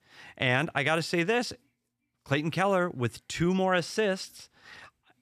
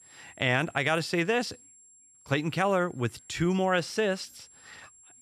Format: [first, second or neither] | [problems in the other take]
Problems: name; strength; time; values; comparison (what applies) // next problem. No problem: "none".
first | high-pitched whine; faint; throughout; 7.5 kHz, 25 dB below the speech